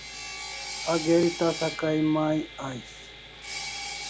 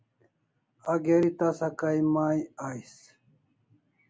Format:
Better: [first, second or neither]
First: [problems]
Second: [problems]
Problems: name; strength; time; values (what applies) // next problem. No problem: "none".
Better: second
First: background sound (Sawing); 9 dB below the speech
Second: none